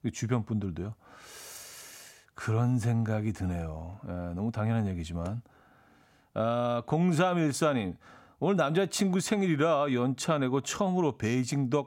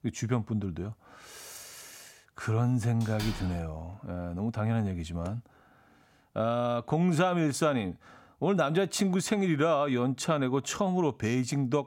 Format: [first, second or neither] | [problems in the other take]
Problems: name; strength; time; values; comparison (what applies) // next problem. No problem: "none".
first | door banging; noticeable; at 3 s; peak 10 dB below the speech